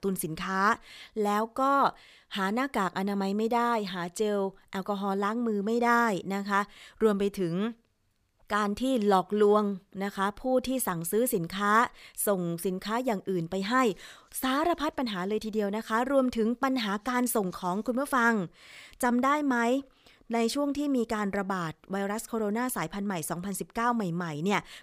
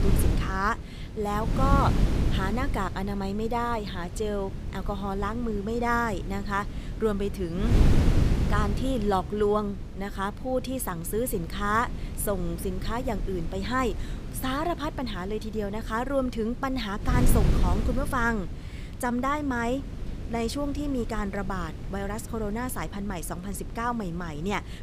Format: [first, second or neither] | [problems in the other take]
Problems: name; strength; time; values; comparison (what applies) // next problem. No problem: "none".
first | wind noise on the microphone; occasional gusts; 10 dB below the speech